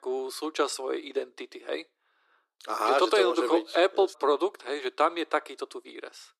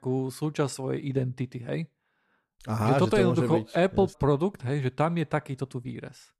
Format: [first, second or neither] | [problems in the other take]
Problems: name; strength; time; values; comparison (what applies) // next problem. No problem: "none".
second | thin; very; fading below 300 Hz